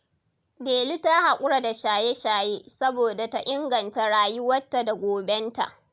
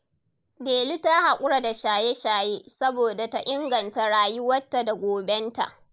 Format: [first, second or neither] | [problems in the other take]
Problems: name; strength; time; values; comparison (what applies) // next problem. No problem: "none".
first | noise reduction (neural mask model Resemble Enhance denoiser)